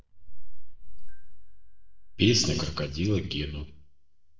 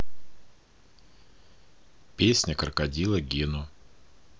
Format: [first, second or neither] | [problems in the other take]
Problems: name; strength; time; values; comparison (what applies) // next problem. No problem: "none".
second | noise reduction (neural mask model DeepFilterNet 3)